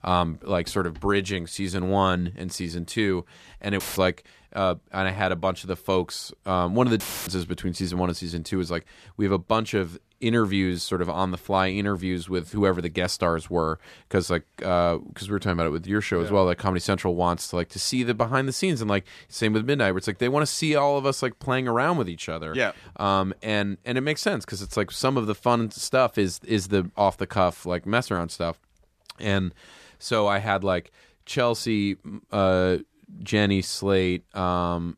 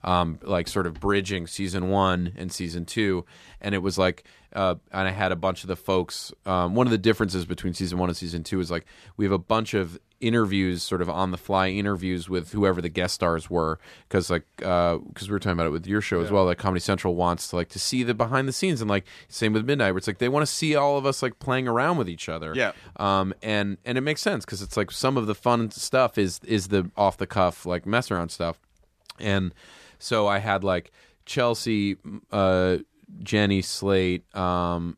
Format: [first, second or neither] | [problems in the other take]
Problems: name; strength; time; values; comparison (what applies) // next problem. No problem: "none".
second | audio cutting out; filled with static; at 4 s and at 7 s